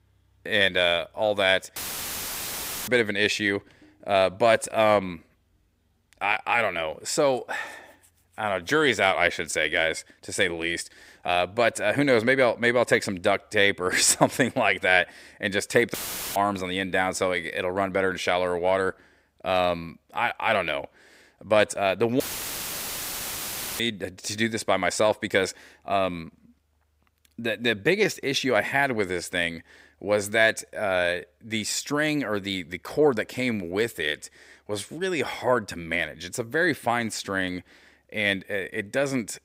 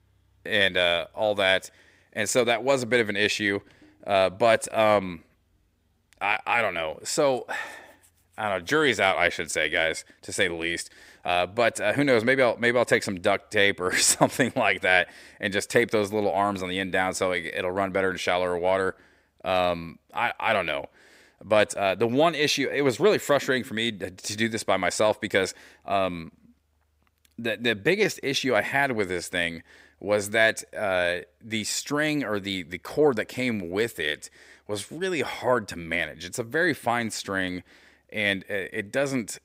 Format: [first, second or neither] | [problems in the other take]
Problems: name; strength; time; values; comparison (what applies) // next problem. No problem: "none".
second | audio cutting out; filled with static; at 2 s for 1 s, at 16 s and at 22 s for 1.5 s